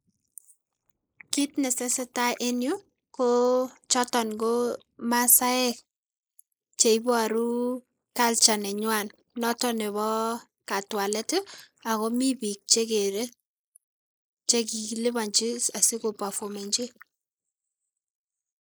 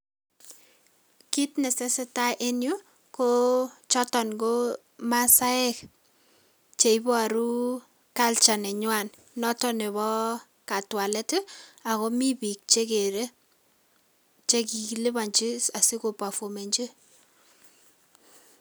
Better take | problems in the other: second | noise reduction (neural mask model Resemble Enhance denoiser)

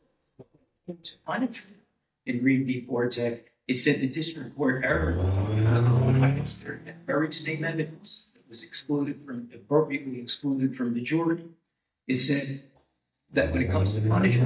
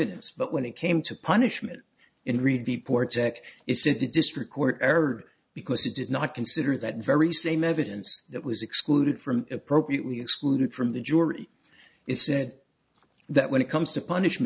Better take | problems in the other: second | noise reduction (neural mask model DeepFilterNet 3)

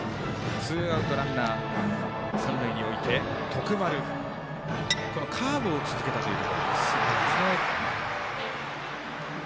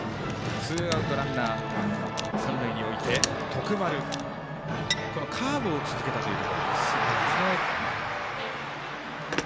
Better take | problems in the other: first | background sound (Telephone); 13 dB below the speech

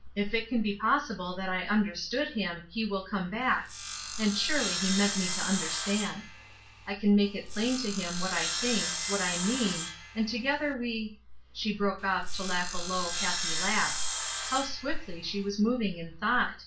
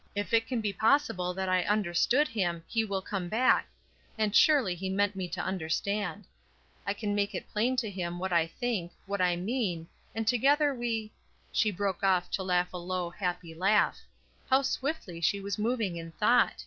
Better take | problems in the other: second | background sound (Sawing); 5 dB below the speech // room echo; dies away in 0.3 s

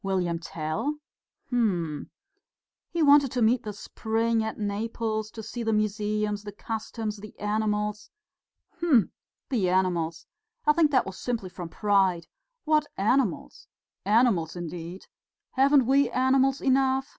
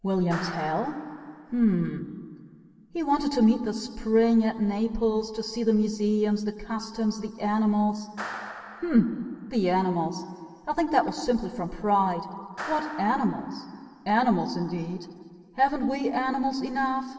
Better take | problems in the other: first | background sound (Clapping); 17 dB below the speech // room echo; dies away in 2 s

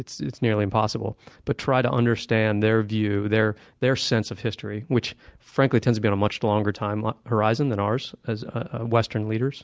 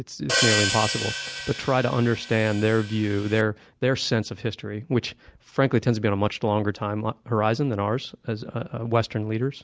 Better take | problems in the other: first | background sound (Hi-hat); 4 dB below the speech

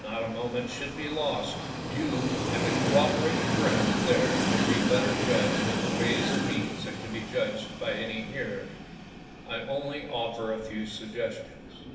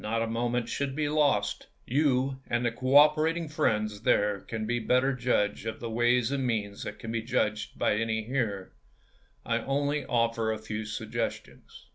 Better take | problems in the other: second | background sound (Train); 1 dB above the speech // room echo; dies away in 1 s

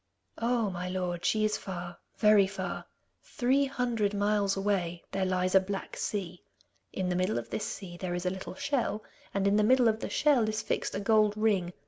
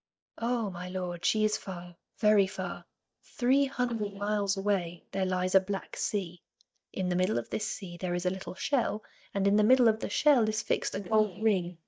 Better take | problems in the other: first | noise reduction (neural mask model DeepFilterNet 3)

